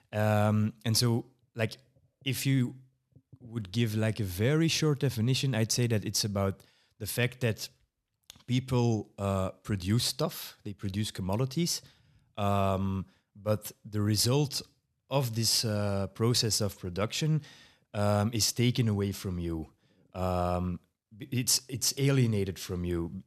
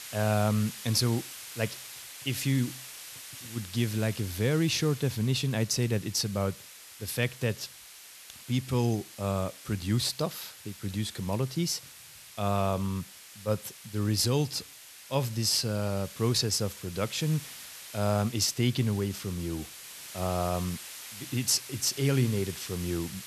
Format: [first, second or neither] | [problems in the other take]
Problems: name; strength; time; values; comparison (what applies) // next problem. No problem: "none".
first | hiss; noticeable; throughout; 15 dB below the speech